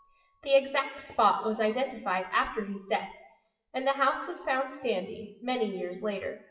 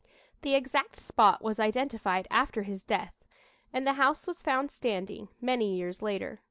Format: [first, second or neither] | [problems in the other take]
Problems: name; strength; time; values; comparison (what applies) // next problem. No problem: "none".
second | noise reduction (classical method WPE with log-MMSE)